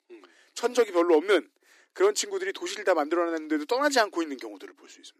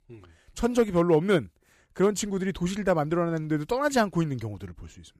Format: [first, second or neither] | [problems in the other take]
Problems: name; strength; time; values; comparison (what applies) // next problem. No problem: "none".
second | thin; somewhat; fading below 300 Hz